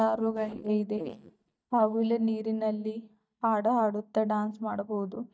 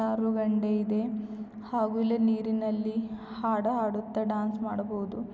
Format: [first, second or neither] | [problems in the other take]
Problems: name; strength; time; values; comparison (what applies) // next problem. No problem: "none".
second | noise reduction (neural mask model DeepFilterNet 3)